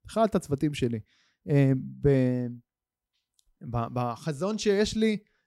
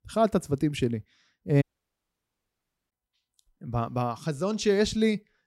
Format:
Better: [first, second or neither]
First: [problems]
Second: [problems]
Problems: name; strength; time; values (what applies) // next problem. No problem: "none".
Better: first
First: none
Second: audio cutting out; at 1.5 s for 1.5 s